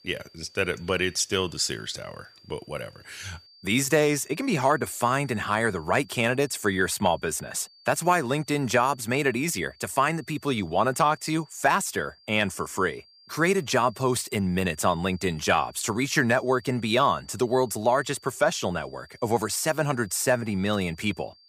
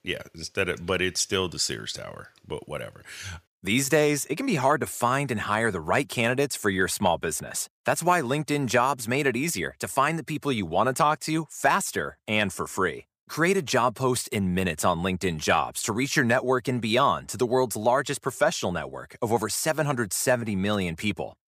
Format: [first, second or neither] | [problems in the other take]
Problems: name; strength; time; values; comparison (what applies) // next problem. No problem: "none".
second | high-pitched whine; faint; throughout; 4.5 kHz, 25 dB below the speech